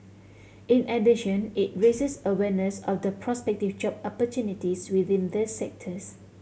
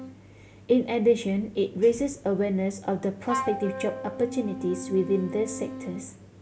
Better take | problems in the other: first | background sound (Wind instrument, woodwind instrument); 11 dB below the speech

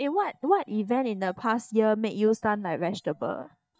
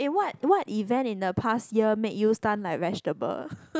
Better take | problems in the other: second | noise reduction (neural mask model DeepFilterNet 3)

